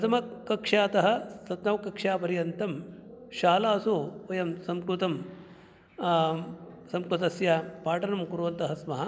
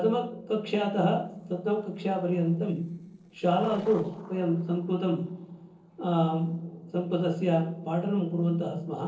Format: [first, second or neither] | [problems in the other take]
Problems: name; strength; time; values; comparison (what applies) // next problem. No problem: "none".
first | noise reduction (neural separator model SepFormer DNS4)